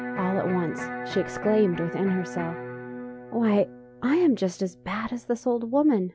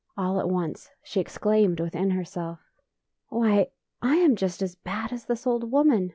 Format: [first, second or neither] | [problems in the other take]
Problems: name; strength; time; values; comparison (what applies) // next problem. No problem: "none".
second | background sound (Electric guitar); 11 dB below the speech